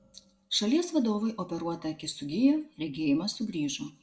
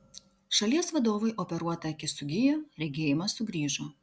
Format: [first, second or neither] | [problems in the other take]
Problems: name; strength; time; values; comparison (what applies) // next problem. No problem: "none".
second | room echo; dies away in 0.4 s